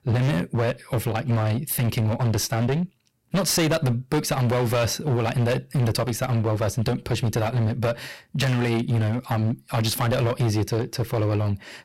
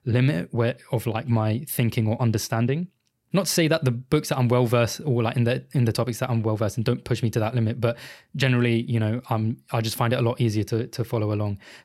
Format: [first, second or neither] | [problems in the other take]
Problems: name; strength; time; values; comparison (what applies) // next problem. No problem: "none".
second | distortion; heavy; 18% of the sound clipped